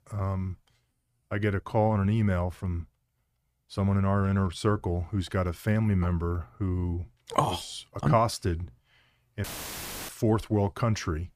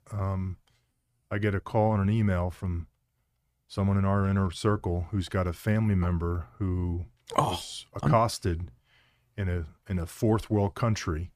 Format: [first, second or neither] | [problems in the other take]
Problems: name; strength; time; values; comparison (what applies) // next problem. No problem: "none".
second | audio cutting out; filled with static; at 9.5 s for 0.5 s